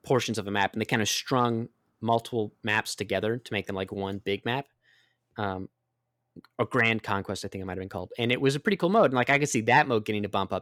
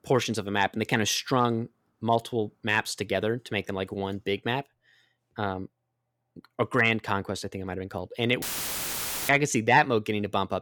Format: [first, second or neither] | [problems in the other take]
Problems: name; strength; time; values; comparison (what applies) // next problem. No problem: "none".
first | audio cutting out; filled with static; at 8.5 s for 1 s